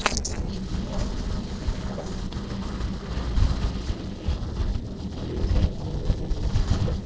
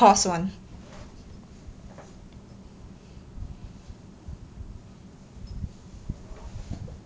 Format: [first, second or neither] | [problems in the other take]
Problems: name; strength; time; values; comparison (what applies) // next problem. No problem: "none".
second | noise reduction (neural separator model SepFormer DNS4)